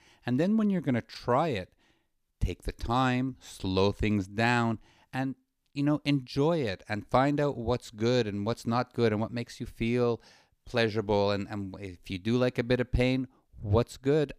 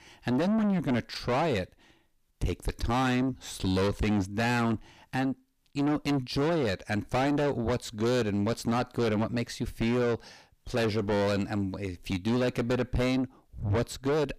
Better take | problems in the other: first | distortion; heavy; 5 dB below the speech

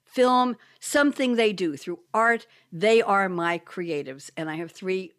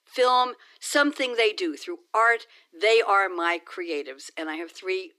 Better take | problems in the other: first | thin; somewhat; fading below 300 Hz

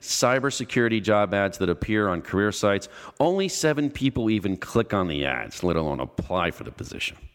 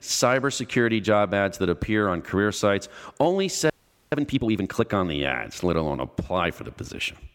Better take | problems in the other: first | audio freezing; at 3.5 s

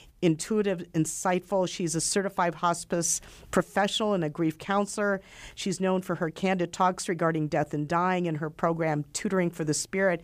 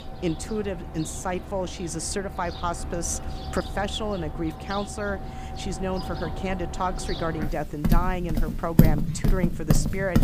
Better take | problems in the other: first | animal sounds; very loud; throughout; as loud as the speech

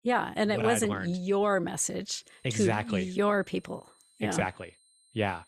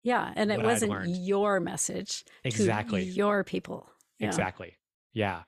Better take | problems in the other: second | high-pitched whine; faint; from 2 s on; 8.5 kHz, 30 dB below the speech

